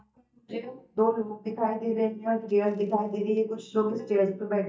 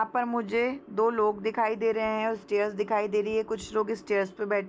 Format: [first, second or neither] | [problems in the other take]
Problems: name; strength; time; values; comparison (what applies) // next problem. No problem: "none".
second | noise reduction (neural mask model DeepFilterNet 3)